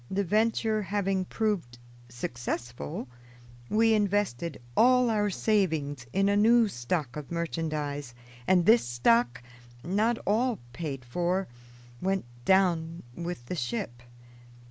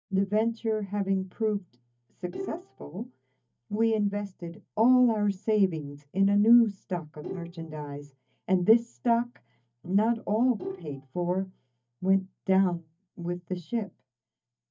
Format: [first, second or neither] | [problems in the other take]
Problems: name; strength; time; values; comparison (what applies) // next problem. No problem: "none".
first | noise reduction (neural mask model DeepFilterNet 3)